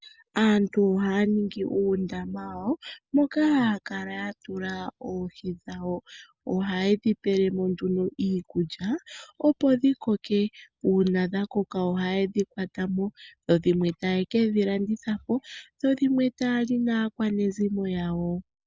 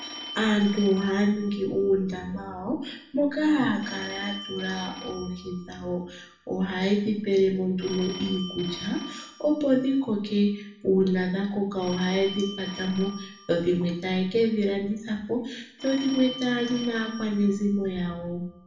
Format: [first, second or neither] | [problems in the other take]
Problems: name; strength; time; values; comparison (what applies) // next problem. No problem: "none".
first | background sound (Telephone); 17 dB below the speech // room echo; dies away in 0.6 s